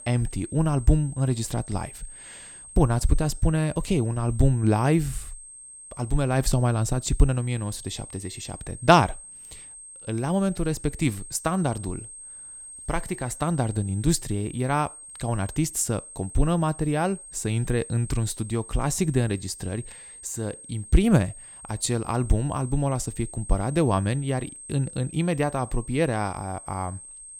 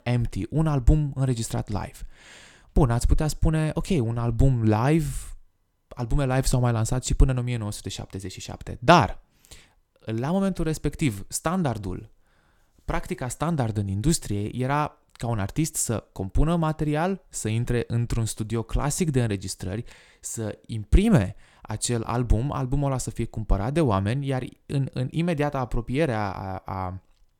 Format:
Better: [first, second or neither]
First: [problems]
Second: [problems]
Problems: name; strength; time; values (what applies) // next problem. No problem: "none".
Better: second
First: high-pitched whine; noticeable; throughout; 8.5 kHz, 15 dB below the speech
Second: none